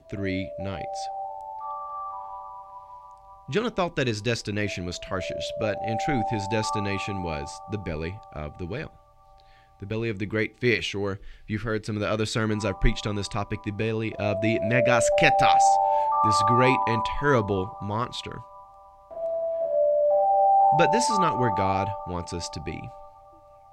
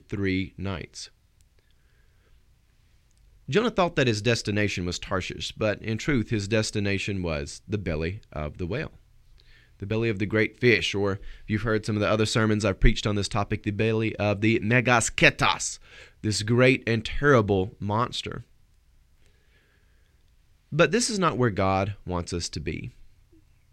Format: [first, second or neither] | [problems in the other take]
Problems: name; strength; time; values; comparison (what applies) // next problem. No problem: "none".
second | alarms or sirens; very loud; throughout; 3 dB above the speech